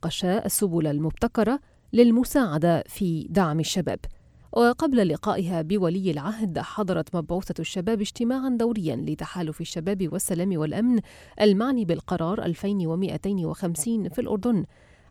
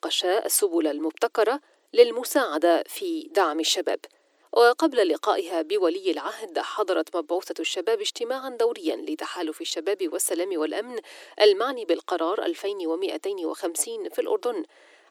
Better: first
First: none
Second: thin; very; fading below 300 Hz

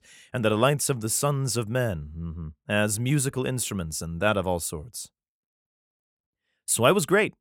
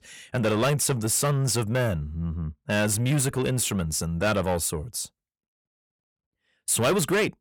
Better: first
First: none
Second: distortion; heavy; 8 dB below the speech

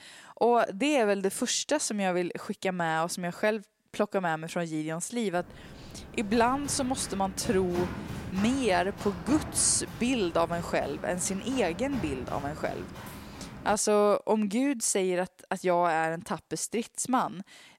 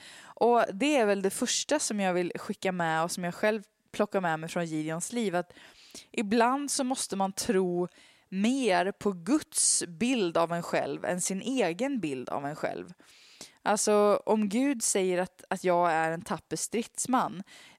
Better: second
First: footsteps; noticeable; from 5.5 to 14 s; peak 7 dB below the speech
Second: none

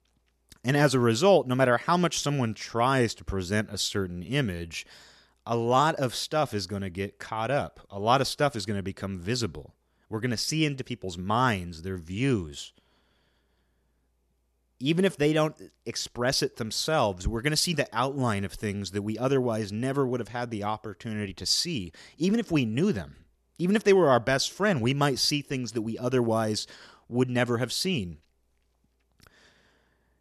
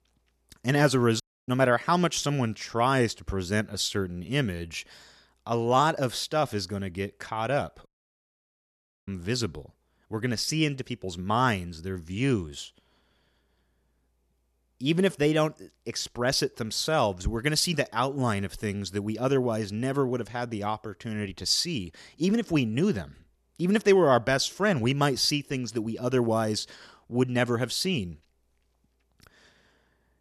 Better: first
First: none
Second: audio cutting out; at 1 s and at 8 s for 1 s

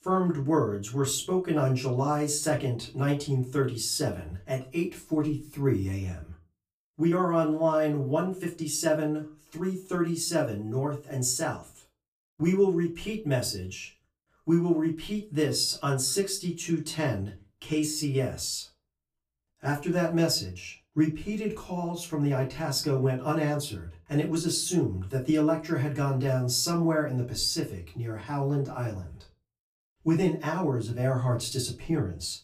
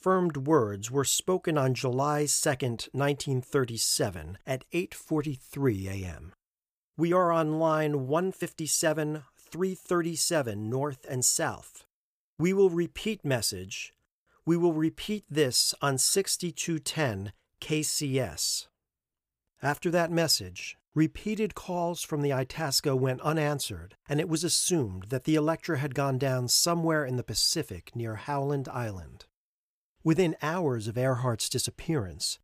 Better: second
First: off-mic speech; far // room echo; very slight; dies away in 0.2 s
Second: none

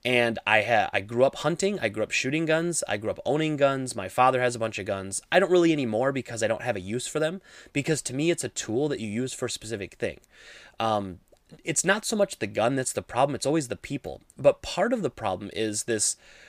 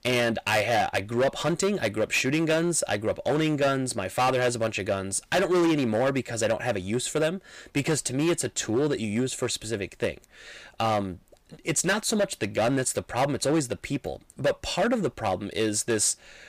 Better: first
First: none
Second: distortion; heavy; 10% of the sound clipped

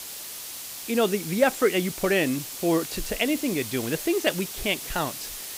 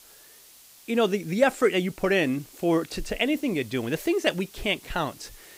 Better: second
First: hiss; loud; throughout; 8 dB below the speech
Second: hiss; faint; throughout; 20 dB below the speech

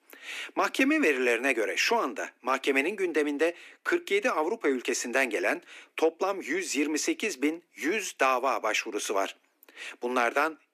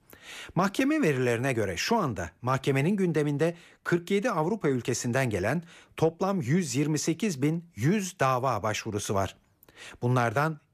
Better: second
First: thin; somewhat; fading below 250 Hz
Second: none

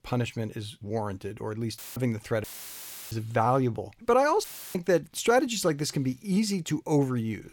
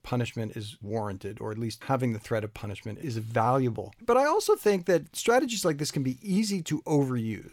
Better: second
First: audio cutting out; filled with static; at 2 s, at 2.5 s for 0.5 s and at 4.5 s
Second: none

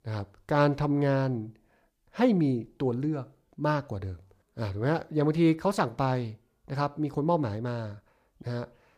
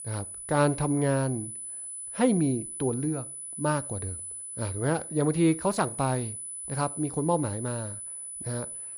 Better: first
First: none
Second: high-pitched whine; loud; throughout; 10 kHz, 7 dB below the speech

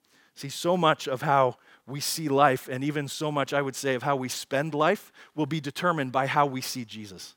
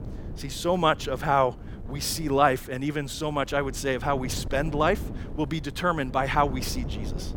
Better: first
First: none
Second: wind noise on the microphone; occasional gusts; 20 dB below the speech

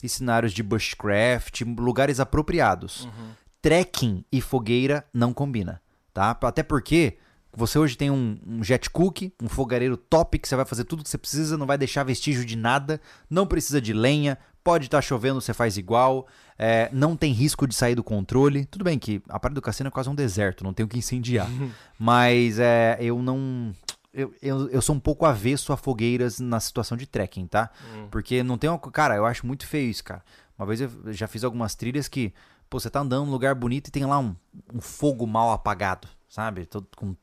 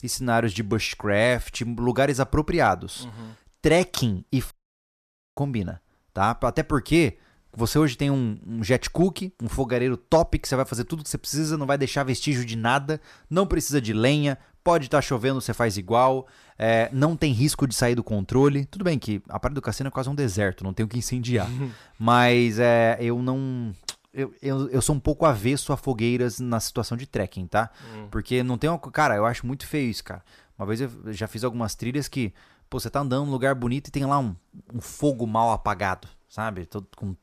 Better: first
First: none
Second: audio cutting out; at 4.5 s for 1 s

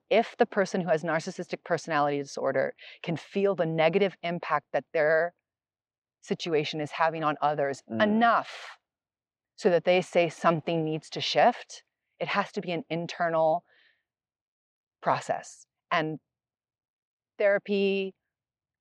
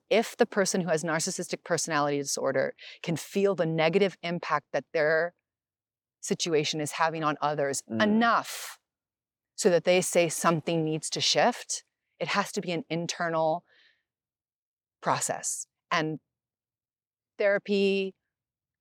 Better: second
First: muffled; slightly; fading above 3 kHz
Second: none

